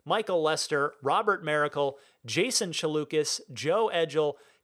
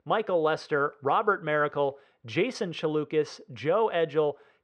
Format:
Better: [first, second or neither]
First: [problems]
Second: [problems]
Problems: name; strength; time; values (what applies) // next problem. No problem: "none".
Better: first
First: none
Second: muffled; slightly; fading above 2.5 kHz